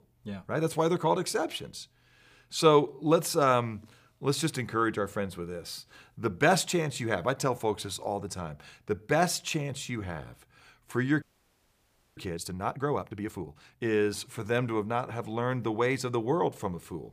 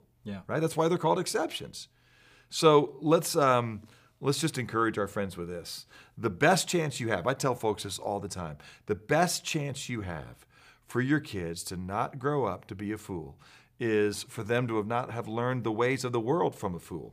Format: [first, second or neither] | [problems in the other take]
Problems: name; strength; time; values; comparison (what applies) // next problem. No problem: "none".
second | audio freezing; at 11 s for 1 s